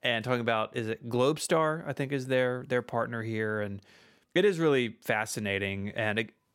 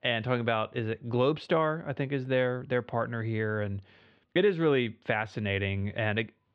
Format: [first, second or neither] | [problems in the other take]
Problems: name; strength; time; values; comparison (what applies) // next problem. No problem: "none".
first | muffled; slightly; fading above 3.5 kHz